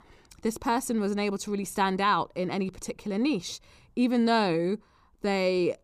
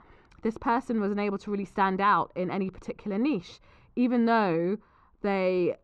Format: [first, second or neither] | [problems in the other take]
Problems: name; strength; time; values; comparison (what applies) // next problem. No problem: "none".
first | muffled; slightly; fading above 2.5 kHz